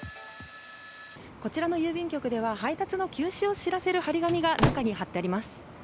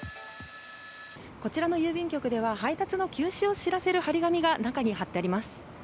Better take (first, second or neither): second